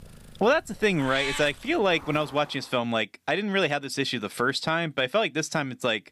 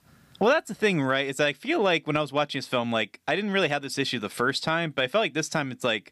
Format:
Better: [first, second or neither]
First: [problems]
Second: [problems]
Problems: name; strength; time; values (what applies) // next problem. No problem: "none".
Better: second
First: animal sounds; loud; until 2.5 s; 10 dB below the speech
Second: none